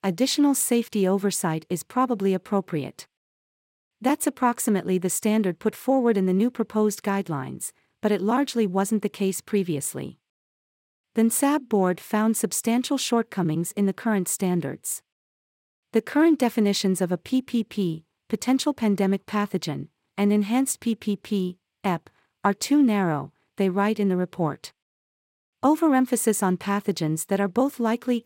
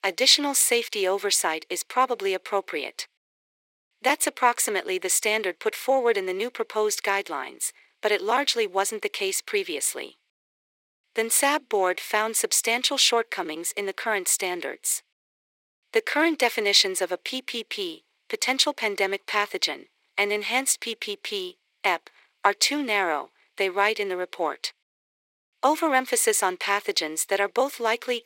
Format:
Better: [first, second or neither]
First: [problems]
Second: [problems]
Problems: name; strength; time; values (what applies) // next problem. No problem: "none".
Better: first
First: none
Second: thin; very; fading below 400 Hz